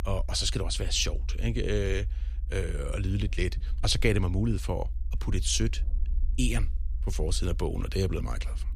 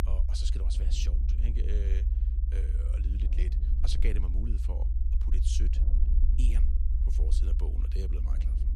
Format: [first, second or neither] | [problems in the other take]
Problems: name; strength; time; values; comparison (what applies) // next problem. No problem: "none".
first | low rumble; loud; throughout; 4 dB below the speech; faint in the first